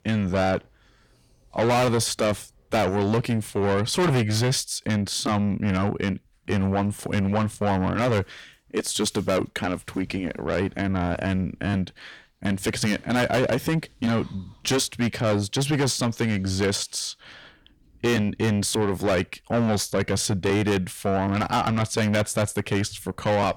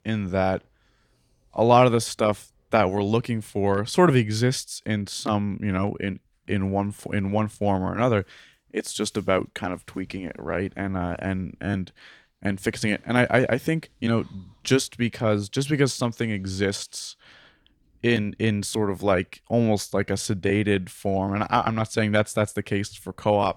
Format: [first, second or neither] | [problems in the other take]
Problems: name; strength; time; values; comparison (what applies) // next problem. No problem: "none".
second | distortion; heavy; 6 dB below the speech